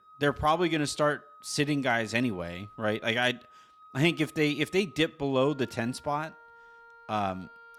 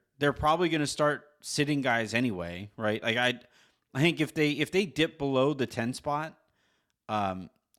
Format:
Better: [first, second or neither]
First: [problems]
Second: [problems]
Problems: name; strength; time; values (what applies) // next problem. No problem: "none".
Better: second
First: background music; faint; throughout; 25 dB below the speech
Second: none